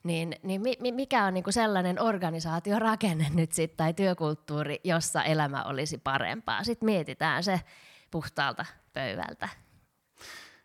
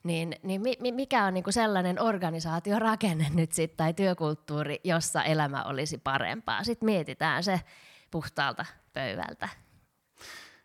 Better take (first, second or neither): neither